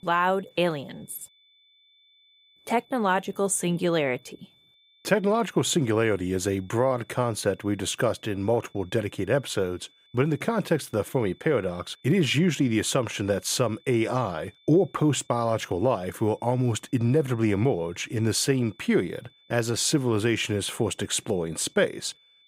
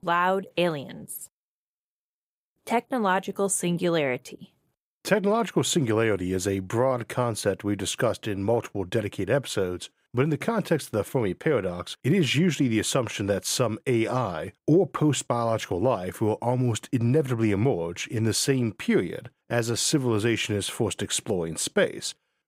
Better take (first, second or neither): second